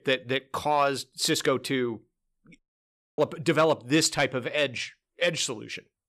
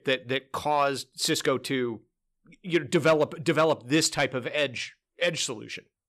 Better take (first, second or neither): second